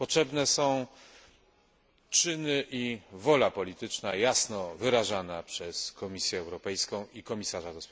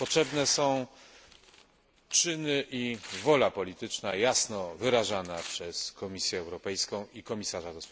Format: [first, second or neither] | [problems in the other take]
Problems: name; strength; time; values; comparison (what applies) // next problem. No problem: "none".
first | background sound (Tearing); 19 dB below the speech